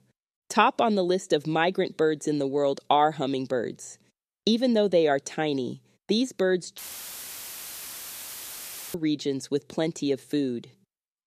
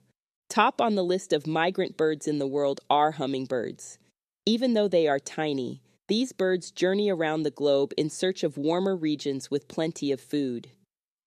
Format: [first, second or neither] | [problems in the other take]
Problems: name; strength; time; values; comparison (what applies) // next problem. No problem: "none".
second | audio cutting out; filled with static; at 7 s for 2 s